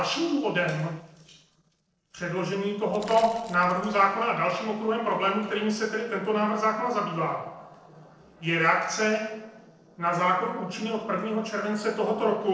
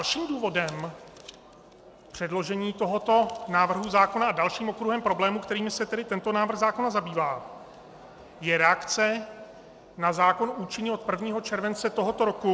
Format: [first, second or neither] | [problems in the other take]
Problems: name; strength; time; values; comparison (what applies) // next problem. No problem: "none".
second | noise reduction (neural separator model SepFormer DNS4)